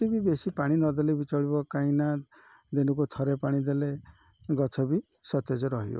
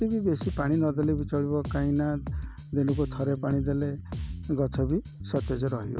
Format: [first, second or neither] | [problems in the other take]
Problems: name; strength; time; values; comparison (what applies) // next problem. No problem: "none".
first | background sound (Bass guitar); 7 dB below the speech